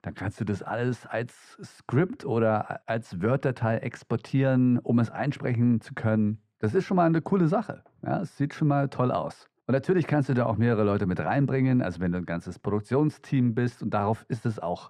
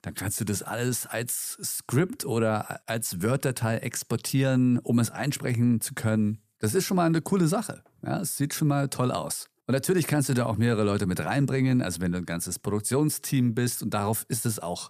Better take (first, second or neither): second